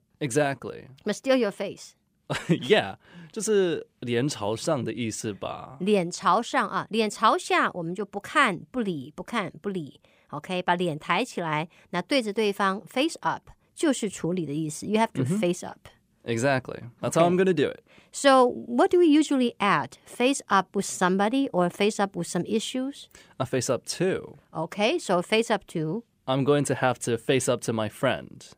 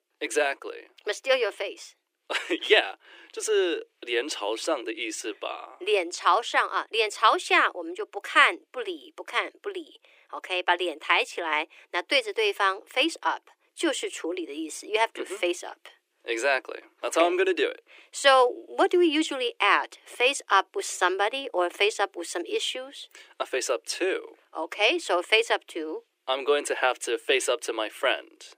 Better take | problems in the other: first | thin; very; fading below 300 Hz

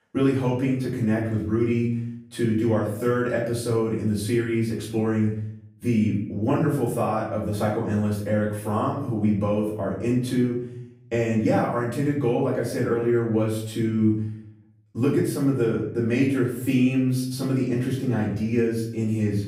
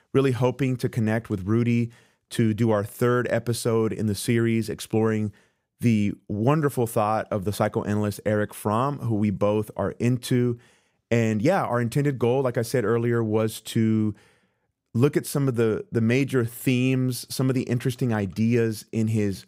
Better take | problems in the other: second | room echo; noticeable; dies away in 0.6 s // off-mic speech; far

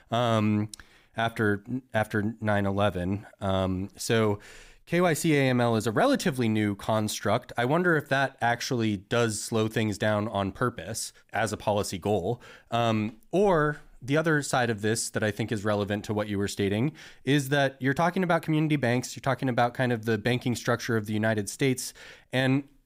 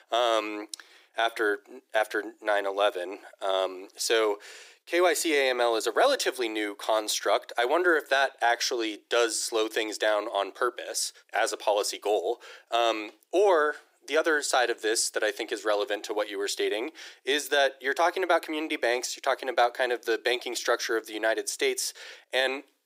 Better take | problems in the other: first | thin; very; fading below 350 Hz

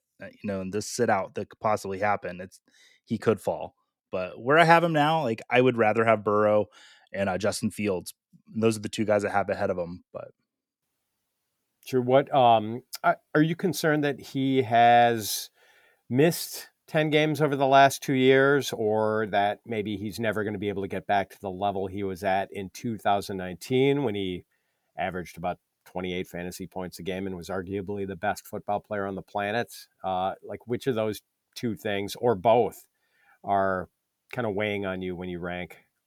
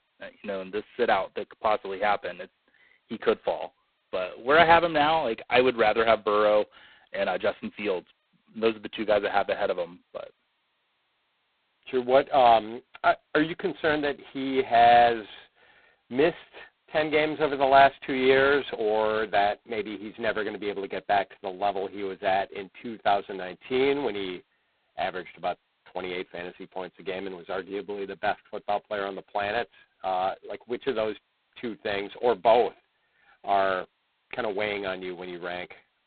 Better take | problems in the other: first | phone-call audio; poor line; nothing above 4 kHz

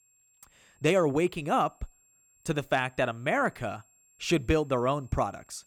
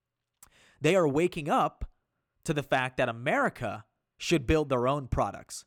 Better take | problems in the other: second | high-pitched whine; faint; throughout; 7.5 kHz, 35 dB below the speech

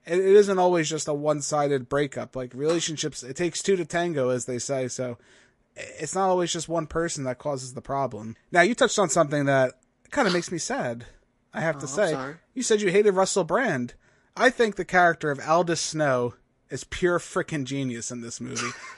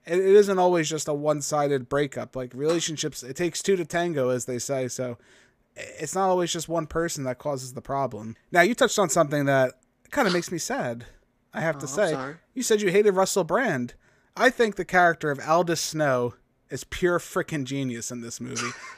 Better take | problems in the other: second | garbled, watery; slightly; nothing above 11 kHz

